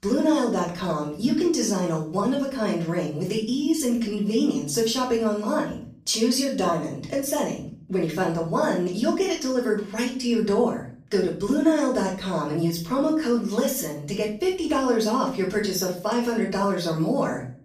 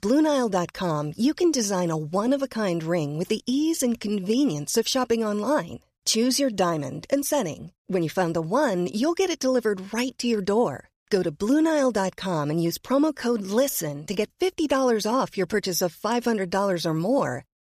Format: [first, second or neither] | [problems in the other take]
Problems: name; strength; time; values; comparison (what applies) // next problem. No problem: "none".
second | off-mic speech; far // room echo; slight; dies away in 0.4 s